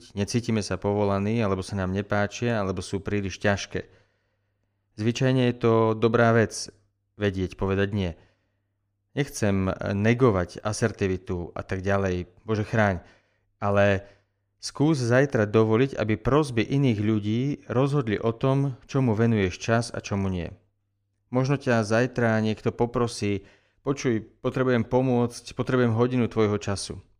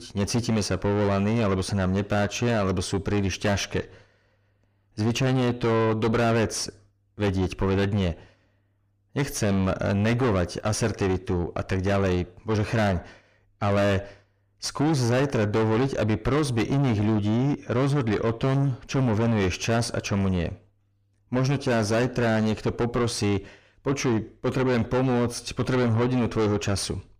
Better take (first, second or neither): first